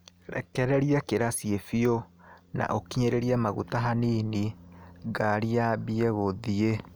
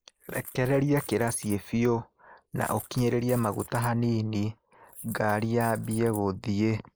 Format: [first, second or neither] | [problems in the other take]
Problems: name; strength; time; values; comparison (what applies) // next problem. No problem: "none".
first | noise reduction (neural mask model Resemble Enhance denoiser)